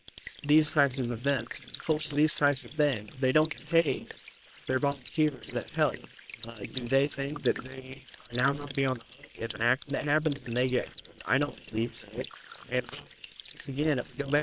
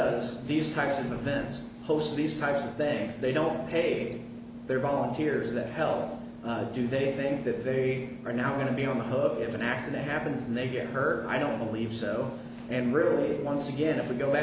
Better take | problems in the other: second | noise reduction (neural separator model SepFormer WHAM!)

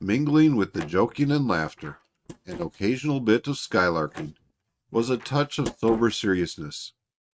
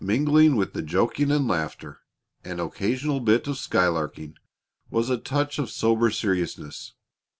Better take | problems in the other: second | noise reduction (neural mask model RNNoise)

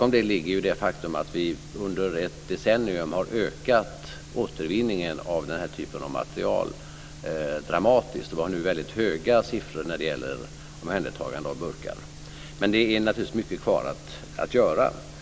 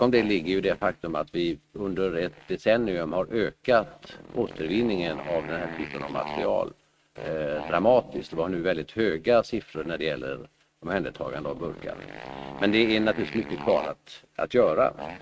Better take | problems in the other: first | noise reduction (neural mask model RNNoise)

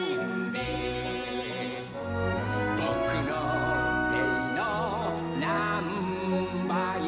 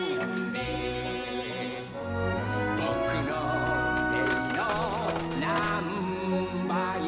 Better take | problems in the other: first | background sound (Coin (dropping)); 15 dB below the speech

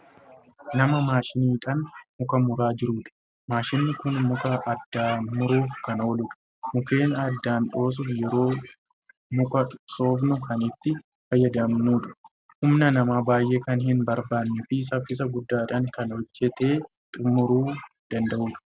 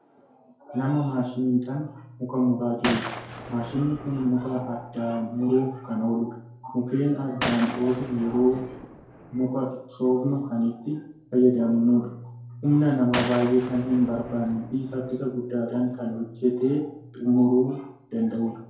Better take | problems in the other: first | background sound (Gunshot, gunfire); 12 dB below the speech // room echo; dies away in 2.3 s

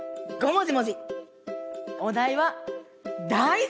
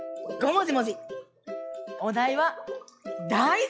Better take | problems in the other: first | noise reduction (classical method log-MMSE)

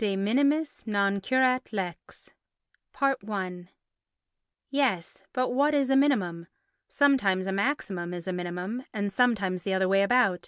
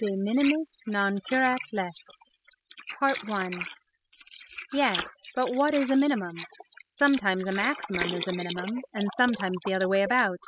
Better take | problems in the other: first | noise reduction (classical method spectral subtraction)

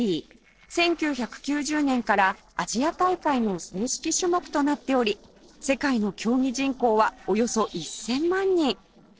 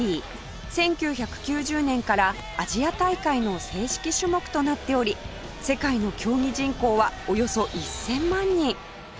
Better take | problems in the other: second | noise reduction (neural separator model SepFormer DNS4)

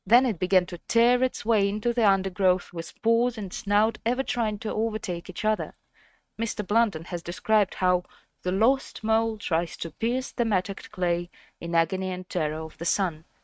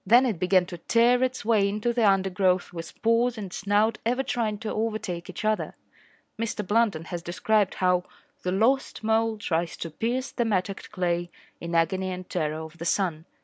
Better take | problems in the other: second | noise reduction (neural mask model RNNoise)

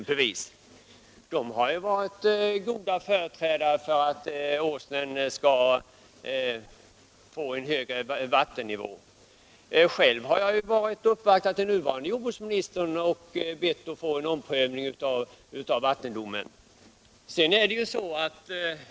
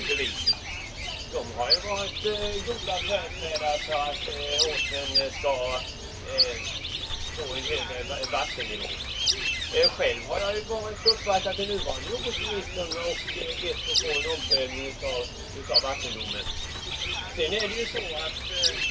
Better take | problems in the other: first | background sound (Bird); 2 dB above the speech // room echo; dies away in 0.1 s

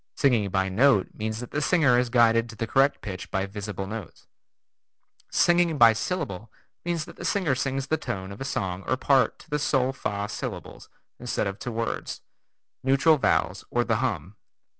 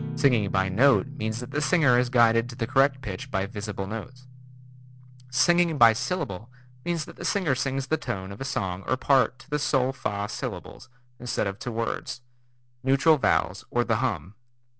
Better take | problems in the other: first | background sound (Guitar); 16 dB below the speech

